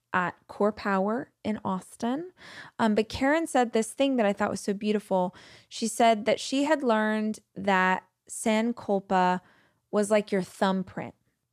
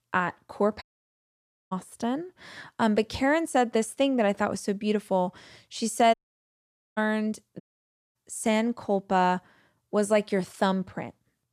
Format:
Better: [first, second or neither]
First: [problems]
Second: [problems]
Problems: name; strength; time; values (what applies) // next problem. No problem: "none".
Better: first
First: none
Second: audio cutting out; at 1 s for 1 s, at 6 s for 1 s and at 7.5 s for 0.5 s